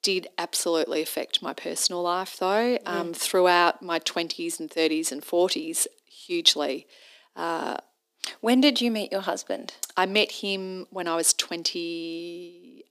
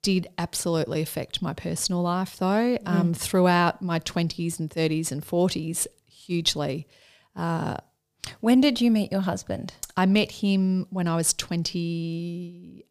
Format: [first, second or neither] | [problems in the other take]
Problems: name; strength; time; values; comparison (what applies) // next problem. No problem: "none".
second | thin; somewhat; fading below 250 Hz